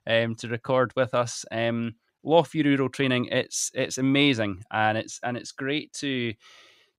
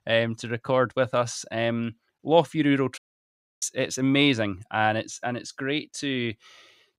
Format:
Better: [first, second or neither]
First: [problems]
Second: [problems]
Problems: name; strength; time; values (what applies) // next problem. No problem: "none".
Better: first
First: none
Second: audio cutting out; at 3 s for 0.5 s